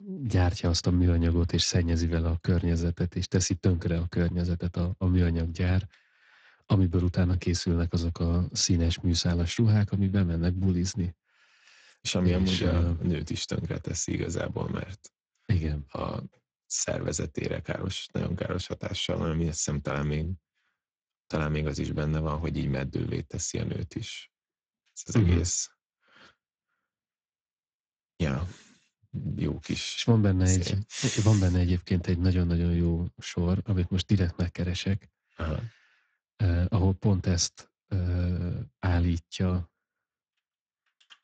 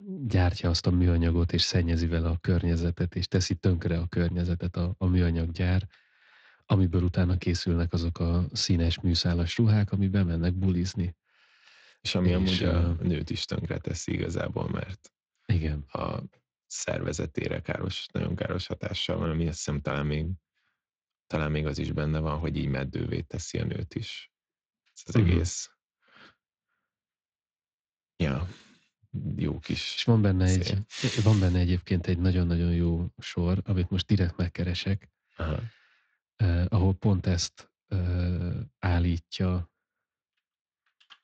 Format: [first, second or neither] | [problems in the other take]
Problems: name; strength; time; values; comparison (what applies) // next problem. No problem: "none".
second | garbled, watery; badly; nothing above 7.5 kHz; slightly in the second